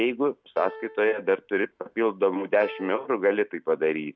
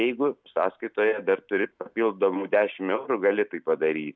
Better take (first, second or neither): second